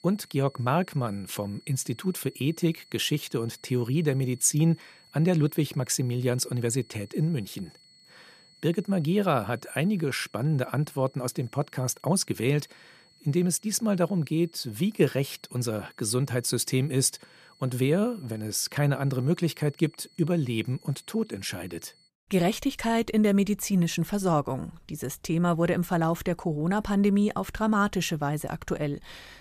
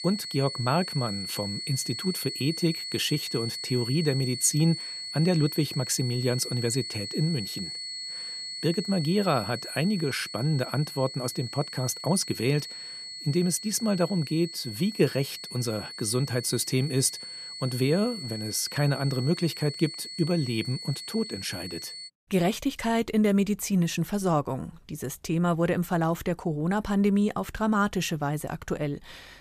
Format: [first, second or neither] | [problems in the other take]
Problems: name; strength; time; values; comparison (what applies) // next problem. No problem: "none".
first | high-pitched whine; loud; until 22 s; 4.5 kHz, 7 dB below the speech; faint in the first